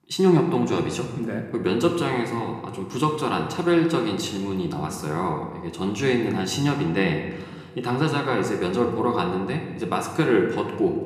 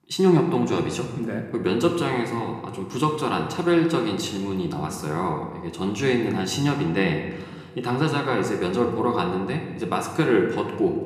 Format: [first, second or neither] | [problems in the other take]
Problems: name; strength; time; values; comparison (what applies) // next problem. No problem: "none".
neither | room echo; slight; dies away in 1 s; the same in both // off-mic speech; somewhat distant; the same in both